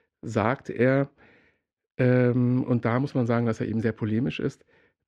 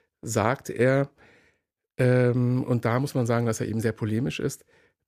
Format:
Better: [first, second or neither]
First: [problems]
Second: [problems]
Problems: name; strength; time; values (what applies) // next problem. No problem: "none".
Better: second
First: muffled; slightly; fading above 3 kHz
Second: none